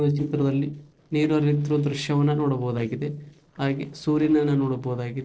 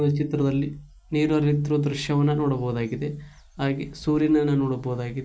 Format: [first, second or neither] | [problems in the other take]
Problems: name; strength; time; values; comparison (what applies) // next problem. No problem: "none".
second | noise reduction (neural separator model SepFormer DNS4)